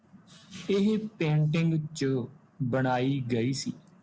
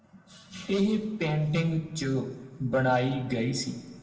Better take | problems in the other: first | room echo; dies away in 1 s

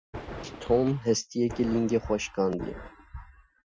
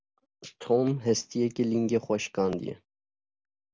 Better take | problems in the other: second | noise reduction (classical method Wiener filter)

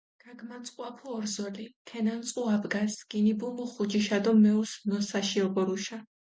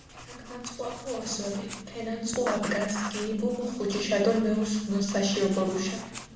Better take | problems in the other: first | background sound (Writing); 12 dB below the speech // room echo; dies away in 0.8 s

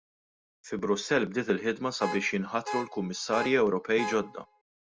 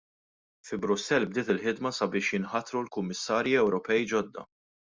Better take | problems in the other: second | background sound (Alarm / Car); 9 dB below the speech

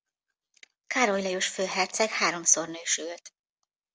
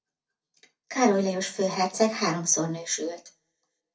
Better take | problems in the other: first | room echo; dies away in 0.3 s

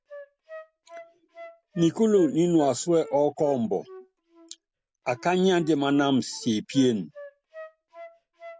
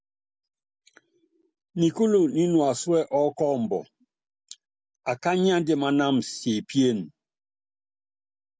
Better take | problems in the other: second | background sound (Wind instrument, woodwind instrument); 20 dB below the speech

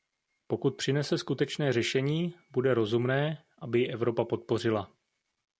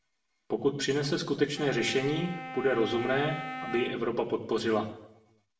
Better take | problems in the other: first | background sound (Wind instrument, woodwind instrument); 11 dB below the speech // room echo; dies away in 0.7 s

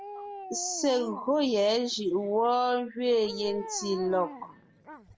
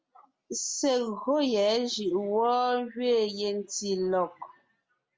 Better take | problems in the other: second | background sound (Dog); 15 dB below the speech

